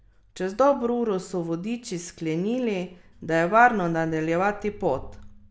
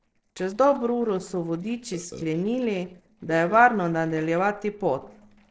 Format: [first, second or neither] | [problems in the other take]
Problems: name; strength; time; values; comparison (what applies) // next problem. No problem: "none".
first | noise reduction (neural separator model SepFormer DNS4)